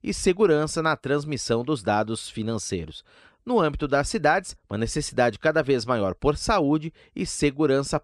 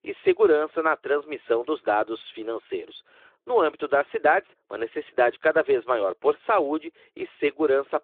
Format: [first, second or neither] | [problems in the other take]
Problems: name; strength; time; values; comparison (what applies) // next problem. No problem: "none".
first | phone-call audio; nothing above 3.5 kHz